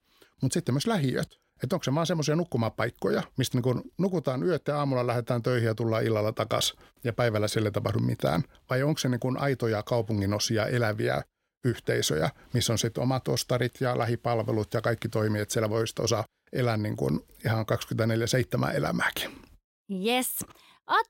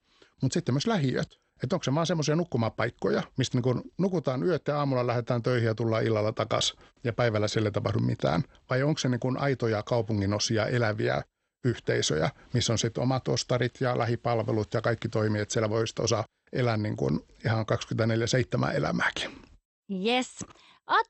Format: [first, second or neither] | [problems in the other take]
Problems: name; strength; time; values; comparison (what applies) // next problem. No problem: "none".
first | garbled, watery; slightly; nothing above 8 kHz